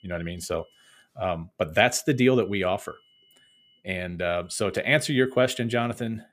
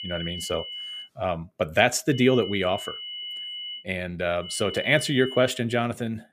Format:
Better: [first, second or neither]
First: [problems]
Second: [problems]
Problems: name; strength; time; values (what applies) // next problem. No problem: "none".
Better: first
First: high-pitched whine; faint; until 1 s, from 2 to 4 s and from 4.5 to 5.5 s; 3 kHz, 35 dB below the speech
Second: high-pitched whine; loud; until 1 s, from 2 to 4 s and from 4.5 to 5.5 s; 3 kHz, 9 dB below the speech